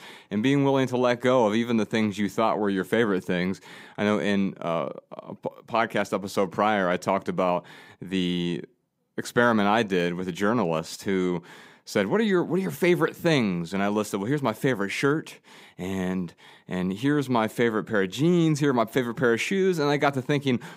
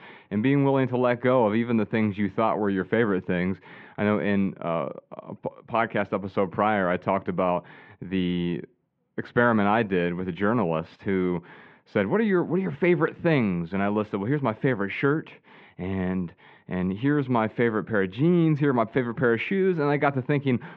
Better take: first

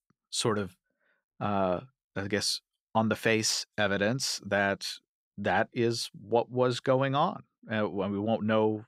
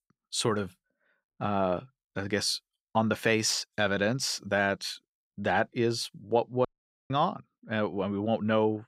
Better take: first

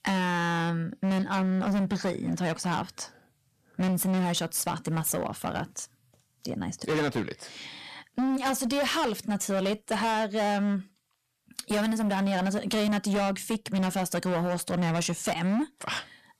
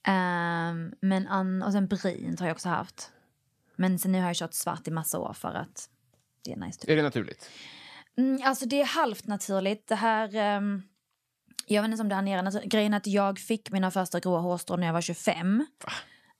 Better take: second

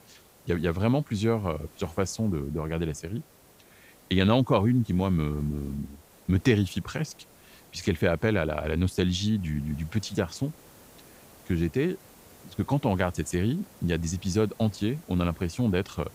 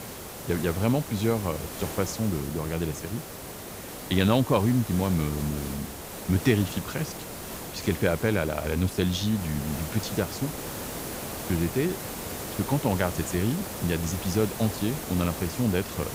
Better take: first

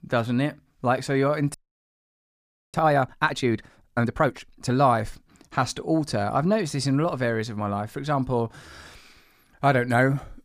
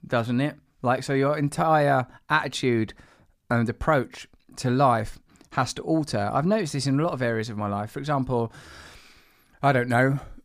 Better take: second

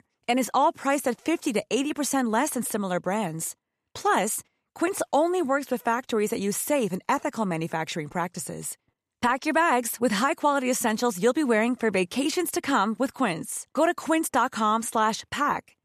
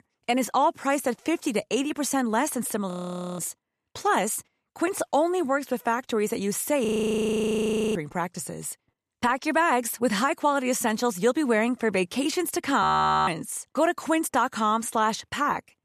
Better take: first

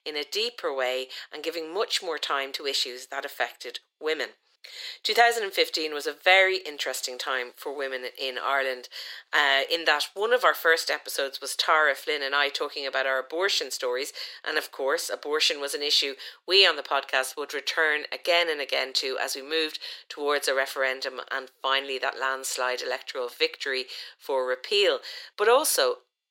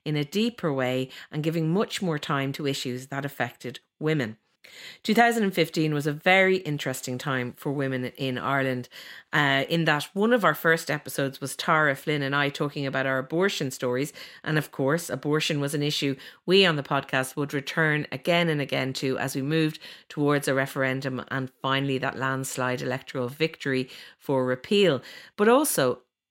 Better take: second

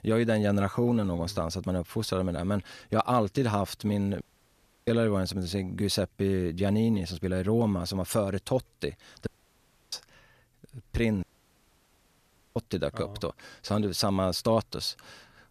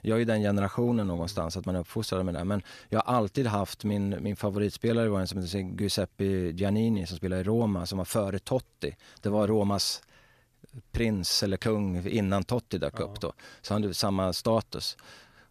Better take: second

